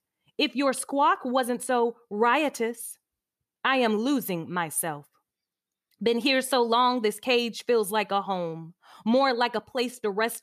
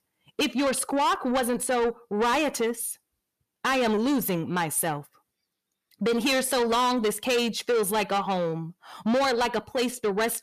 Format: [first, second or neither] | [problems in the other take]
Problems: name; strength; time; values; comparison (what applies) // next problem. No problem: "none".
first | distortion; heavy; 8 dB below the speech